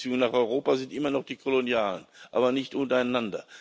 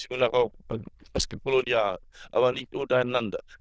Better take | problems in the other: first | noise reduction (neural diffusion model UNIVERSE++)

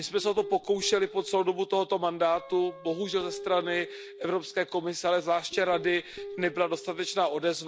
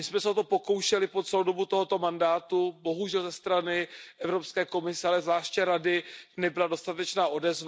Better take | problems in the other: second | background sound (Guitar); 15 dB below the speech

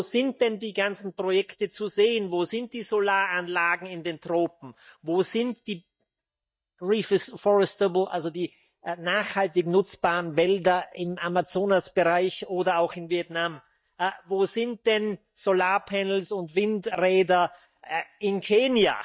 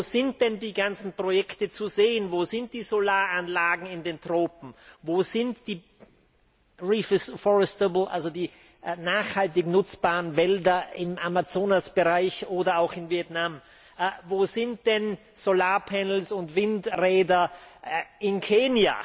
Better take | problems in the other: second | noise reduction (neural mask model DeepFilterNet 3)

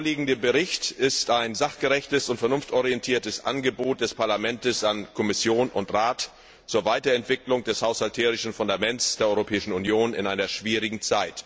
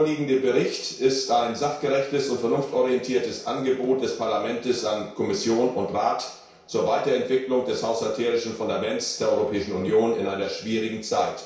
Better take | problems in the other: first | room echo; dies away in 0.6 s

